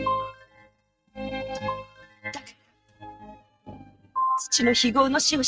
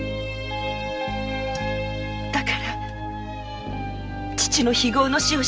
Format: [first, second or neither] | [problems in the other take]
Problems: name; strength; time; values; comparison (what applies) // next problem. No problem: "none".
second | noise reduction (neural mask model RNNoise)